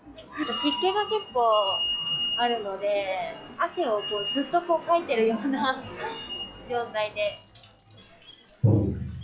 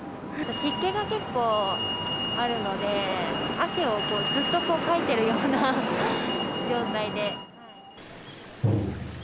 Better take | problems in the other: second | noise reduction (classical method log-MMSE)

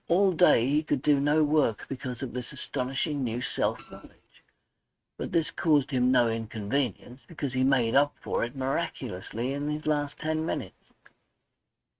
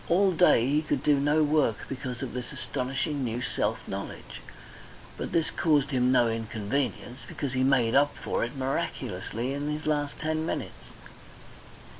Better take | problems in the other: second | noise reduction (neural mask model RNNoise)

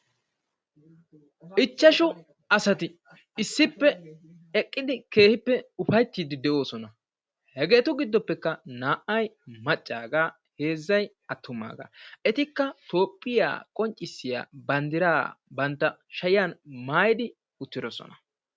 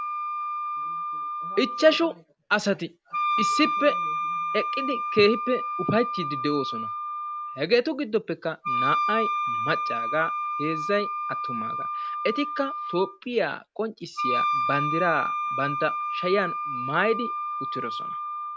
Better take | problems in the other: first | background sound (Wind instrument, woodwind instrument); 1 dB below the speech

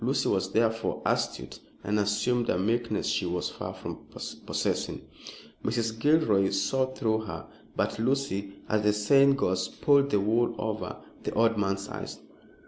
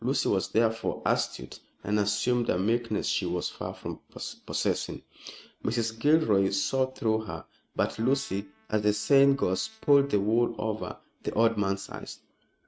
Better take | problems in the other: first | noise reduction (neural mask model RNNoise)

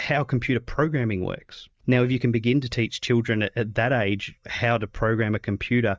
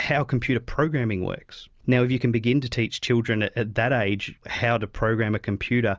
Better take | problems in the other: second | noise reduction (neural mask model DeepFilterNet 3)

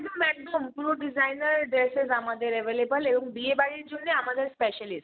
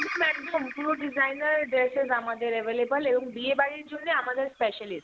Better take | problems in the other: first | background sound (Bird vocalization, bird call, bird song); 14 dB below the speech

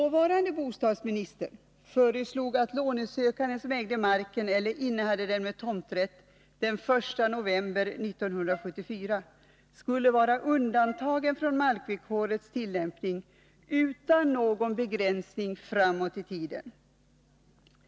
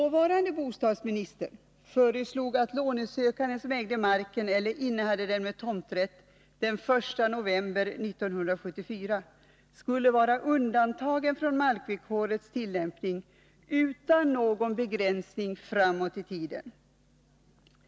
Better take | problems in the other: second | background sound (Wind instrument, woodwind instrument); 15 dB below the speech

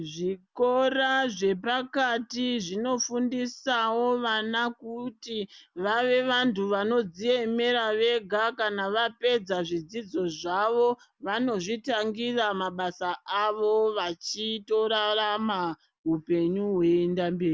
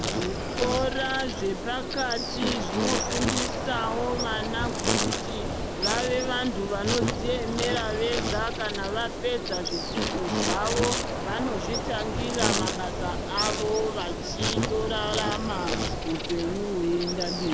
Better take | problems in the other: first | background sound (Insect); 1 dB above the speech

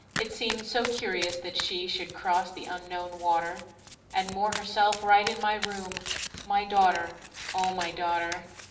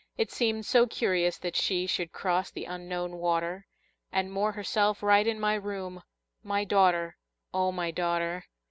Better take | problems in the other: second | background sound (Domestic sounds, home sounds); 11 dB below the speech // room echo; dies away in 0.6 s

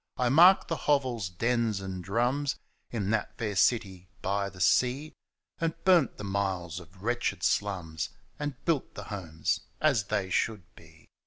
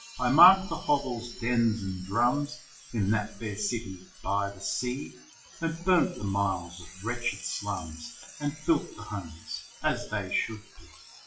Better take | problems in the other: first | noise reduction (classical method WPE with log-MMSE)

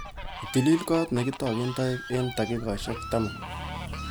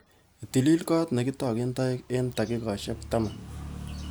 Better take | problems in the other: second | background sound (Fowl); 10 dB below the speech

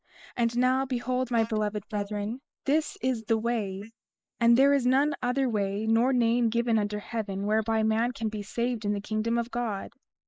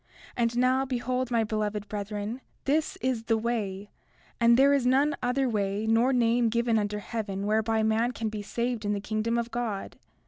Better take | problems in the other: second | noise reduction (neural mask model Resemble Enhance denoiser)

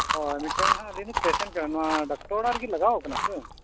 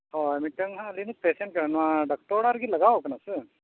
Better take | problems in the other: second | background sound (Chewing, mastication); 1 dB below the speech

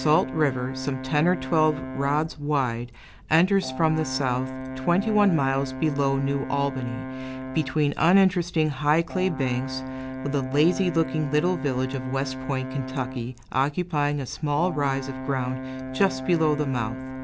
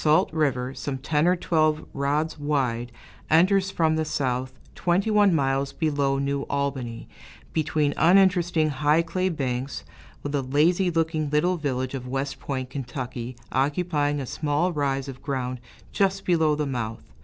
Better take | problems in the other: second | background sound (Brass instrument); 9 dB below the speech

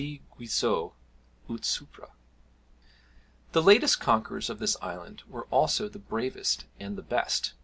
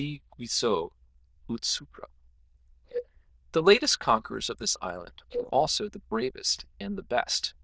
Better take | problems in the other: first | noise reduction (neural diffusion model UNIVERSE++)

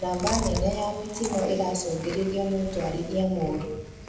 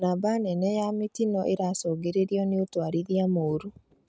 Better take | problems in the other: second | background sound (Chewing, mastication); 8 dB below the speech // room echo; dies away in 1 s

